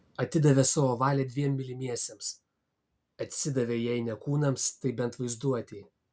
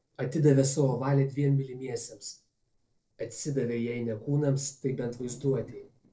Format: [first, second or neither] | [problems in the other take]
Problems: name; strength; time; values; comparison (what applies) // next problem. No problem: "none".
first | noise reduction (neural separator model SepFormer DNS4)